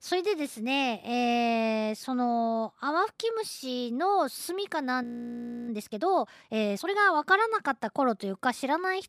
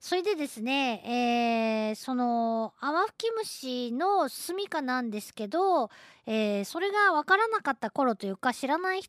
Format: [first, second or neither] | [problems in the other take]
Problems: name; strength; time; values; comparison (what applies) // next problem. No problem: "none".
second | audio freezing; at 5 s for 0.5 s